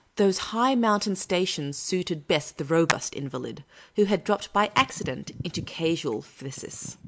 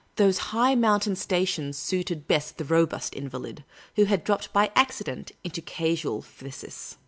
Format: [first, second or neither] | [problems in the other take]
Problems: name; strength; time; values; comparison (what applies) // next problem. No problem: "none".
second | noise reduction (neural mask model Resemble Enhance denoiser)